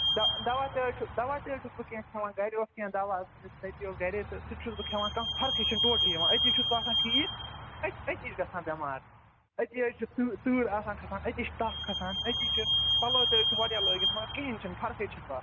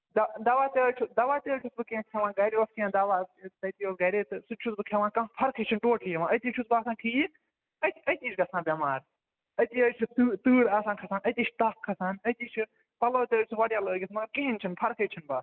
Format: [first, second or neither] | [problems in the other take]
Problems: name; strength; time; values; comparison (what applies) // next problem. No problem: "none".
second | background sound (Squeak / Vehicle); 1 dB above the speech